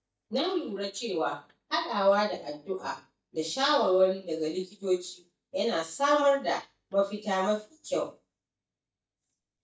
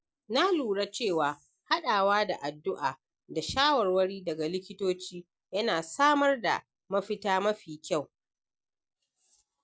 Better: second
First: noise reduction (neural mask model DeepFilterNet 3)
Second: none

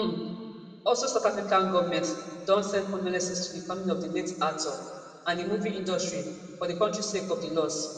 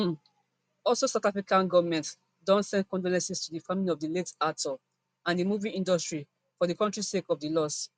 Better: second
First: room echo; dies away in 1.9 s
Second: none

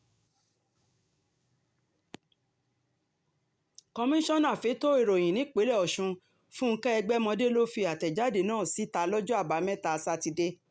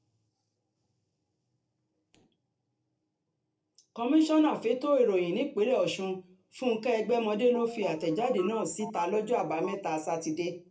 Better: first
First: none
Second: noise reduction (neural separator model SepFormer DNS4)

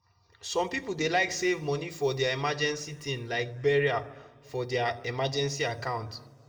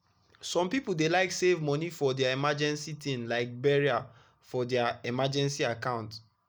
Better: second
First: room echo; dies away in 1.4 s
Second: none

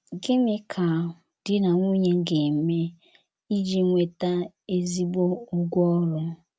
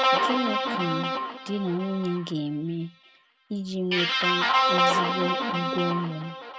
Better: first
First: none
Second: background sound (Guitar); 3 dB above the speech

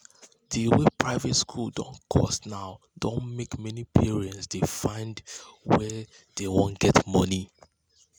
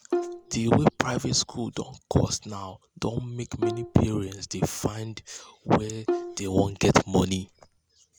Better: first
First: none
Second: background sound (Bowed string instrument); 8 dB below the speech

